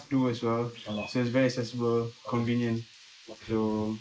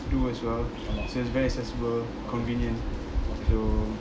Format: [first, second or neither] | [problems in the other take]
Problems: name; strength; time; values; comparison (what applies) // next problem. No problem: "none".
second | noise reduction (neural mask model Resemble Enhance denoiser)